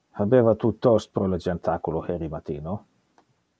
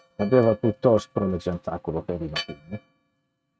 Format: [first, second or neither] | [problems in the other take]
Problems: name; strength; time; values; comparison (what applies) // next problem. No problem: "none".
first | noise reduction (neural mask model RNNoise)